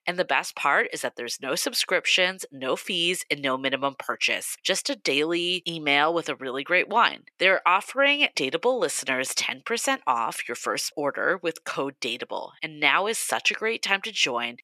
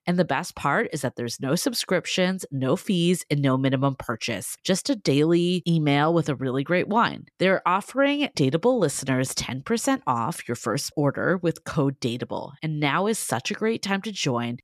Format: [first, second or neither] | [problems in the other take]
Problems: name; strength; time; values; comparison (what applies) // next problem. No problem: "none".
second | thin; somewhat; fading below 450 Hz